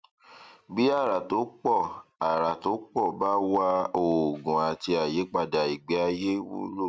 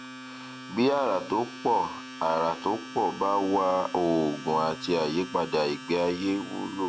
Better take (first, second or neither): first